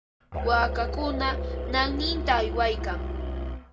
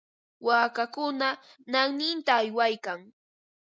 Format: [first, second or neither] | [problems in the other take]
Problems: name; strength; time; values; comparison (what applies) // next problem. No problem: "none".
second | background sound (Musical instrument); 2 dB below the speech // room echo; dies away in 1.1 s